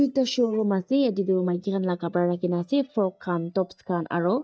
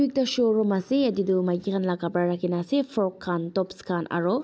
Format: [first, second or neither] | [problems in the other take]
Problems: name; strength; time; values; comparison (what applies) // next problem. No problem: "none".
second | noise reduction (neural mask model DeepFilterNet 3)